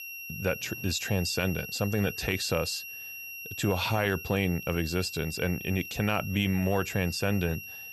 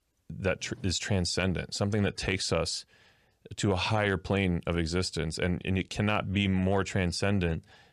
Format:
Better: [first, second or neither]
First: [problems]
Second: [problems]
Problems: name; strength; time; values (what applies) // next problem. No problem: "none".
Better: second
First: high-pitched whine; loud; throughout; 2.5 kHz, 9 dB below the speech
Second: none